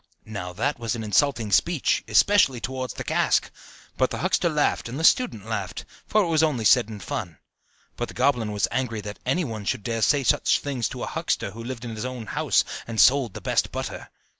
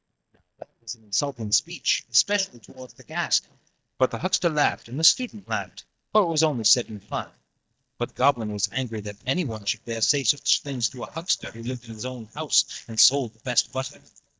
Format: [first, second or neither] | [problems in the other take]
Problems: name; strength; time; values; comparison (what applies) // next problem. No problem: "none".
first | noise reduction (neural mask model DeepFilterNet 3)